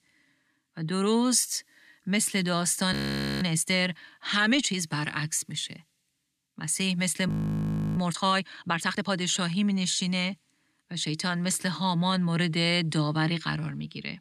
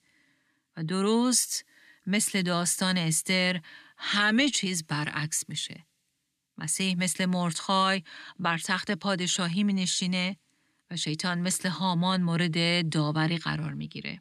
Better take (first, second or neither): second